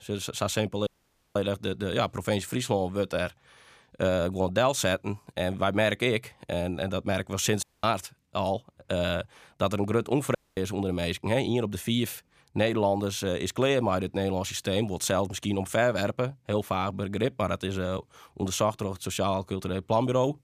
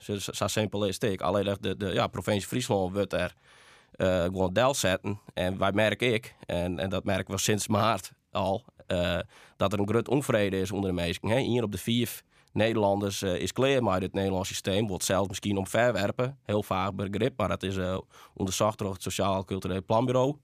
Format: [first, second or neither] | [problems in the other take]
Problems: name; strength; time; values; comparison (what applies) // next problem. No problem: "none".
second | audio cutting out; at 1 s, at 7.5 s and at 10 s